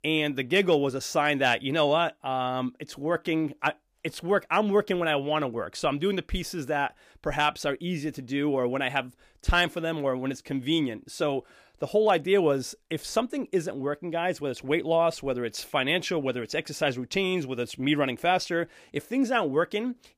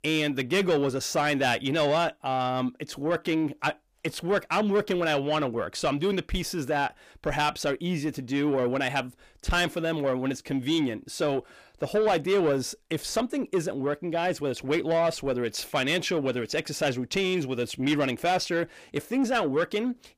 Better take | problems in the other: first | distortion; slight; 10 dB below the speech

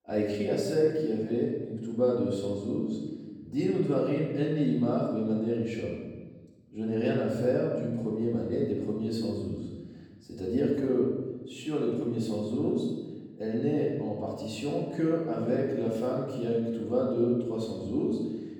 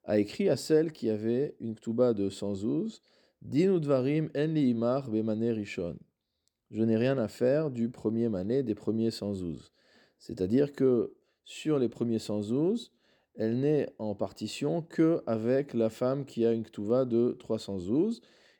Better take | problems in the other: second | room echo; noticeable; dies away in 1.1 s // off-mic speech; far

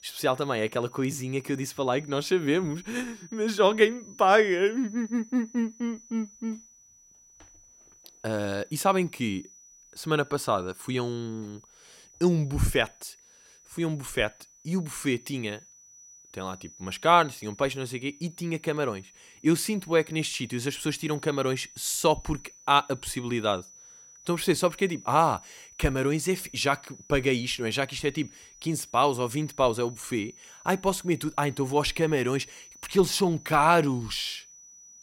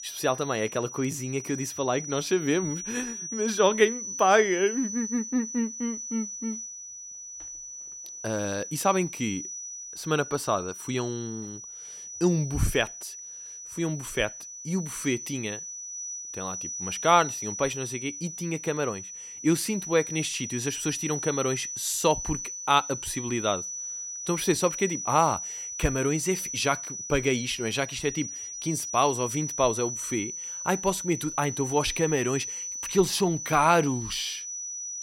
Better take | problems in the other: first | high-pitched whine; loud; throughout; 6 kHz, 7 dB below the speech; faint in the first

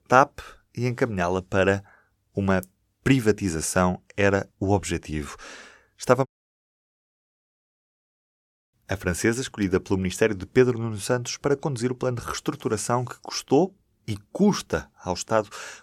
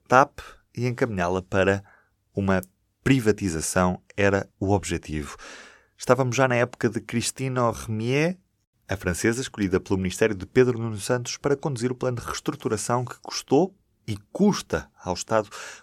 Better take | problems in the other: second | audio cutting out; at 6.5 s for 2.5 s

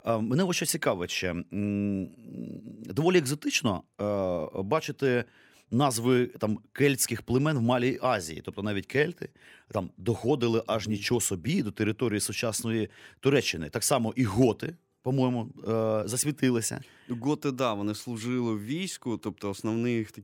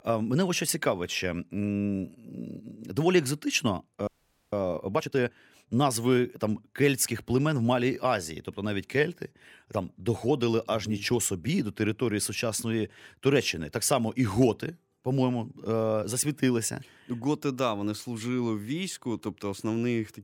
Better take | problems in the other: first | audio freezing; at 4 s

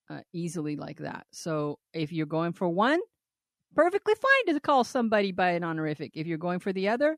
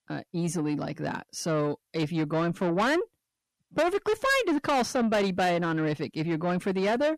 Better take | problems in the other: first | distortion; heavy; 8 dB below the speech

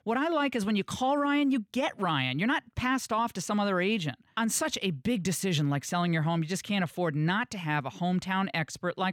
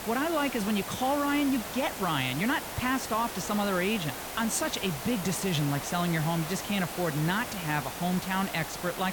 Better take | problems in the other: first | hiss; loud; throughout; 7 dB below the speech

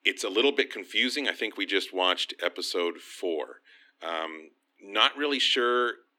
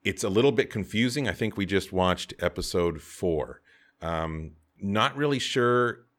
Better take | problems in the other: second | thin; somewhat; fading below 250 Hz

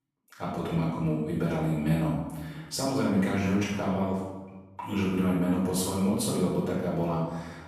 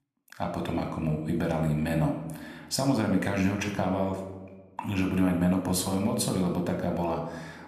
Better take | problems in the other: second | room echo; strong; dies away in 1 s; slight in the second // off-mic speech; far

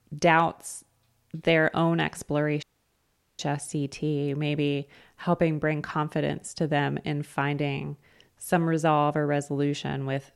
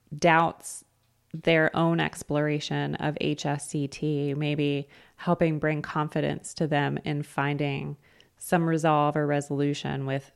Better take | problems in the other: second | audio cutting out; at 2.5 s for 1 s

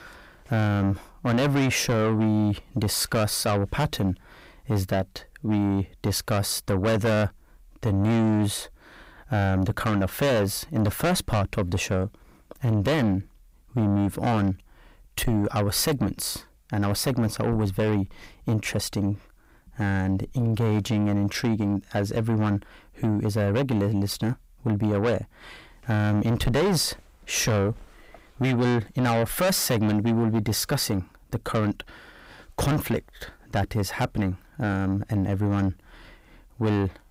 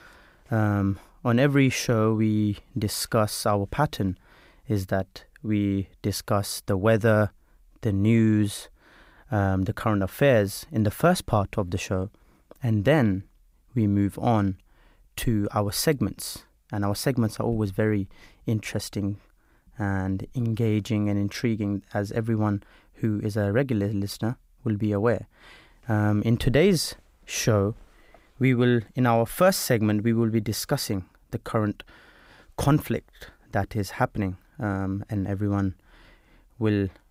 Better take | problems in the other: second | distortion; heavy; 7 dB below the speech

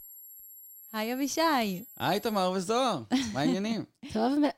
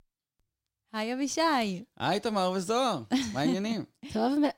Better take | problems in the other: second | high-pitched whine; noticeable; until 2.5 s; 11.5 kHz, 20 dB below the speech

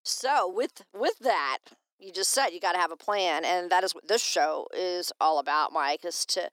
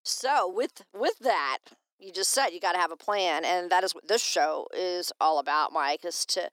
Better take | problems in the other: neither | thin; very; fading below 300 Hz; the same in both

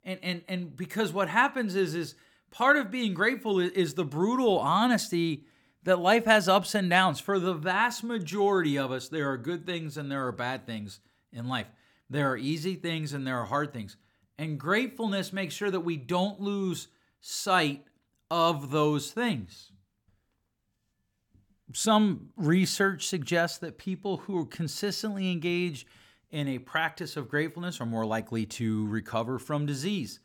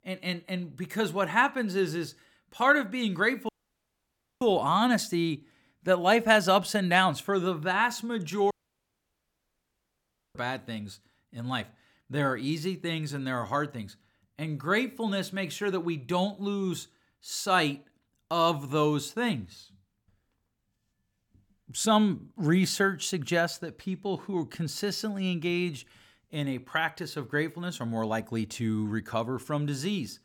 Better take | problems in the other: first | audio cutting out; at 3.5 s for 1 s and at 8.5 s for 2 s

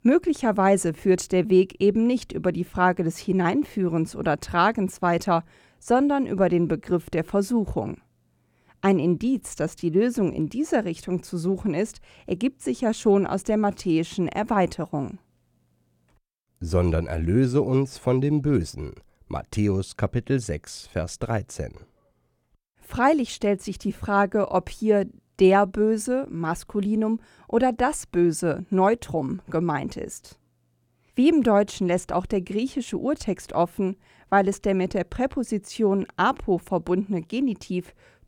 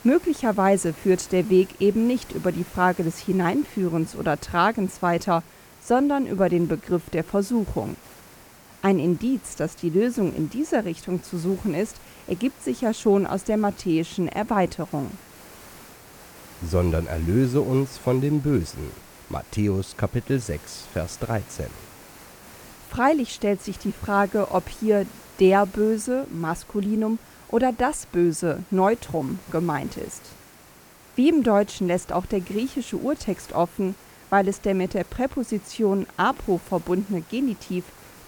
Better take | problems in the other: first | hiss; faint; throughout; 20 dB below the speech

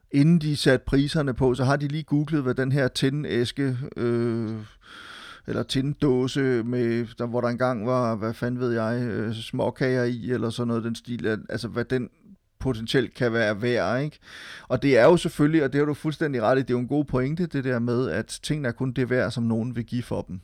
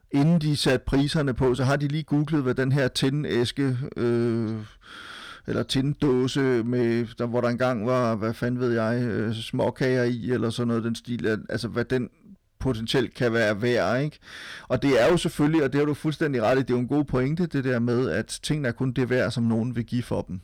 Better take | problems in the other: first | distortion; slight; 6% of the sound clipped

